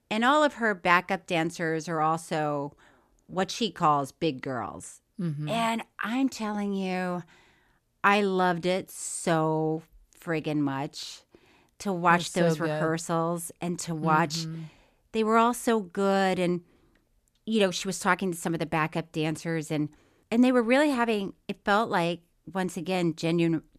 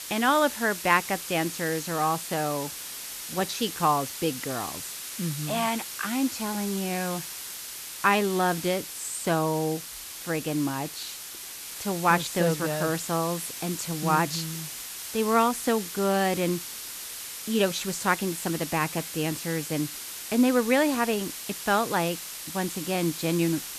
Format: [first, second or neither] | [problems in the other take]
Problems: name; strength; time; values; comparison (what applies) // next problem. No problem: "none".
first | hiss; loud; throughout; 8 dB below the speech